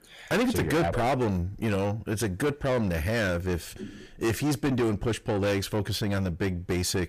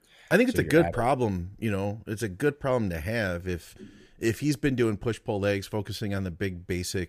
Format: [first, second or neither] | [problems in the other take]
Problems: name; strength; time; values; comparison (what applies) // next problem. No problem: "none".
second | distortion; heavy; 6 dB below the speech